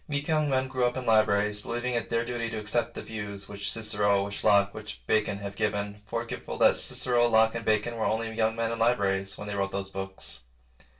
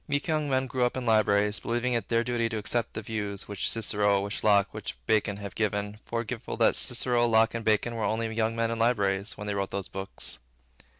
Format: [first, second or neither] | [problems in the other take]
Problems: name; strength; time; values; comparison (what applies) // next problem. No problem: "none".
second | room echo; dies away in 0.2 s